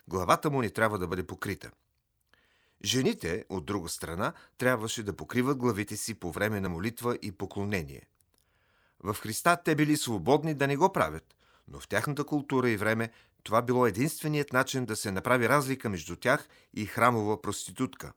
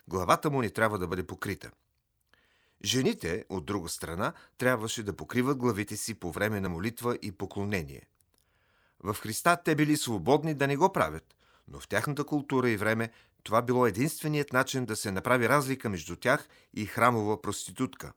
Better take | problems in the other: neither | none

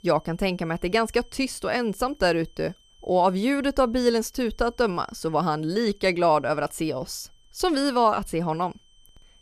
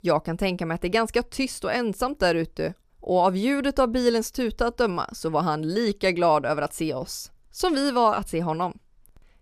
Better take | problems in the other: second | high-pitched whine; faint; throughout; 3 kHz, 35 dB below the speech

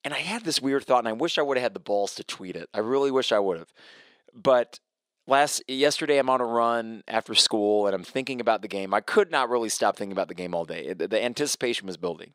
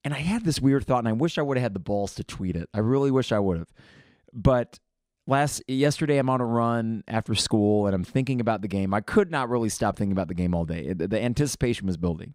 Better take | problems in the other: second | thin; somewhat; fading below 450 Hz

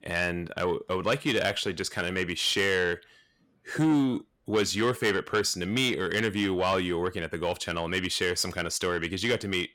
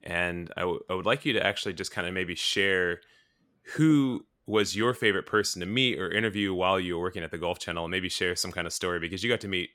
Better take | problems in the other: second | distortion; slight; 10 dB below the speech

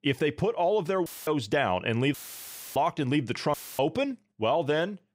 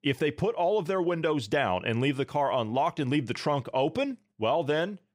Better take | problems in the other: second | audio cutting out; filled with static; at 1 s, at 2 s for 0.5 s and at 3.5 s

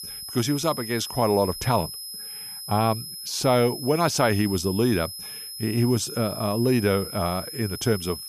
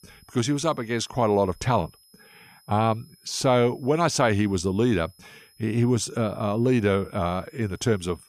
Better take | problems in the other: second | high-pitched whine; loud; throughout; 5 kHz, 9 dB below the speech; faint in the second

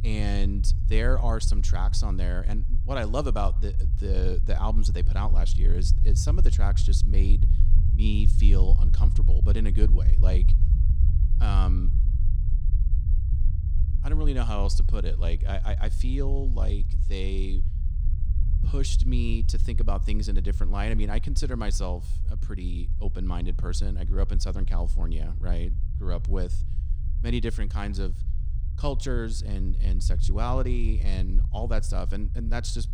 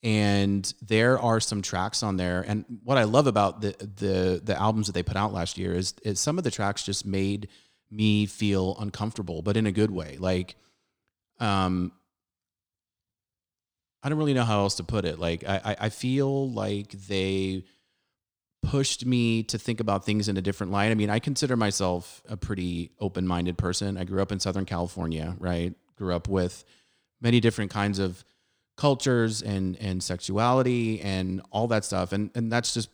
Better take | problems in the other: second | low rumble; noticeable; throughout; 10 dB below the speech

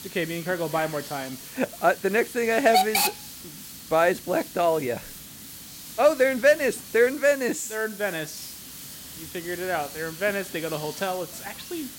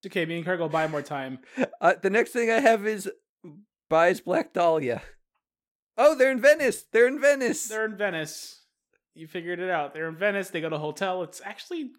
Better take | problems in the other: second | hiss; loud; throughout; 9 dB below the speech

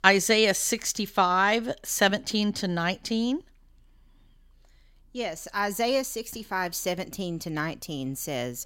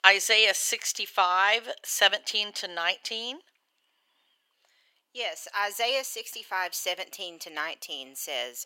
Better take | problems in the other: first | thin; very; fading below 550 Hz

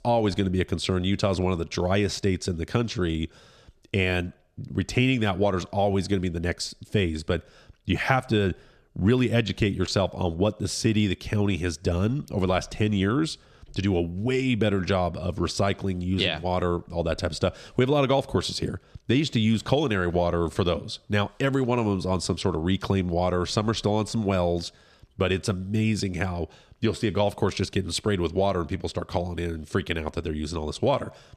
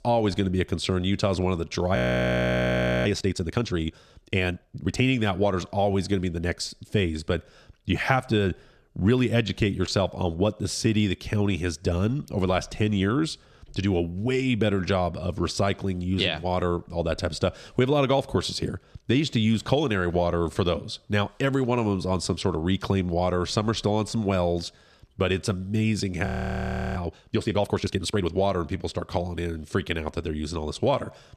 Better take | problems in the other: first | audio freezing; at 2 s for 1 s and at 26 s for 0.5 s

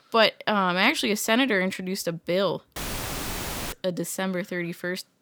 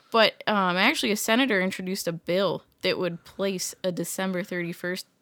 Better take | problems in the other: second | audio cutting out; filled with static; at 3 s for 1 s

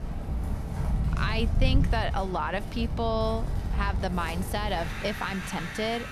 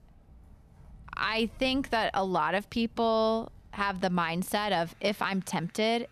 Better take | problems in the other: second | wind in the background; loud; throughout; as loud as the speech; faint in the second

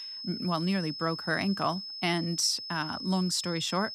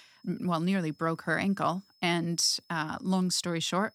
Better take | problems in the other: second | high-pitched whine; loud; throughout; 5 kHz, 7 dB below the speech; faint in the second

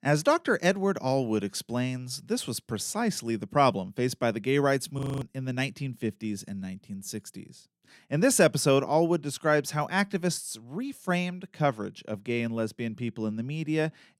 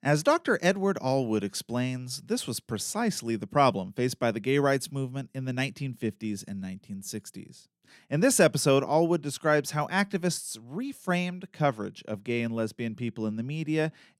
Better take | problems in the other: second | audio freezing; at 5 s

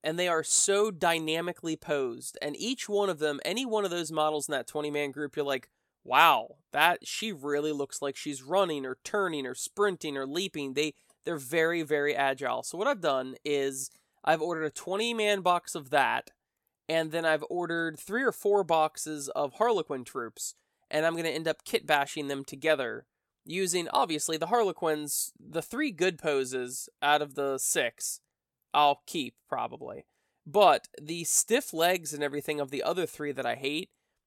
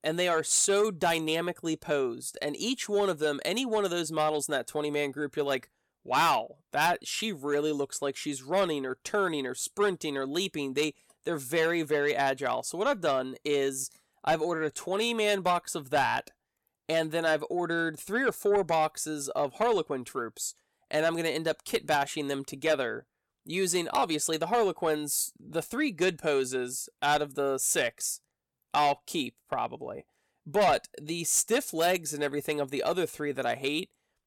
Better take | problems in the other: first | distortion; slight; 10 dB below the speech

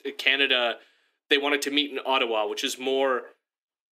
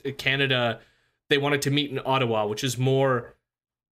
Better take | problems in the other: second | thin; very slightly; fading below 300 Hz

